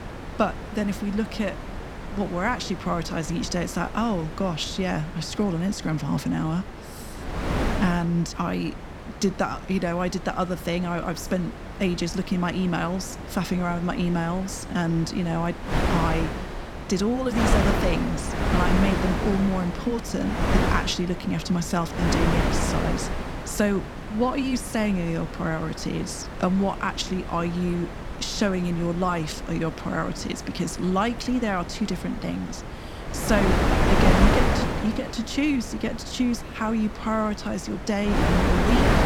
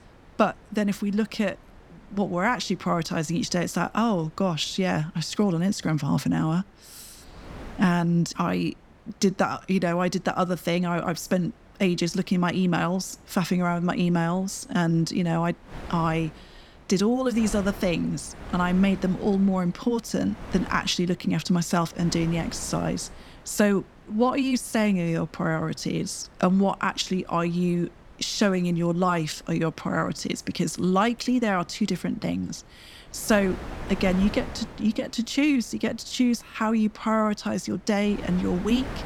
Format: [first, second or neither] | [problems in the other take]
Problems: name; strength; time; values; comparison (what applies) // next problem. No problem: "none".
second | wind noise on the microphone; heavy; 3 dB below the speech; occasional gusts in the second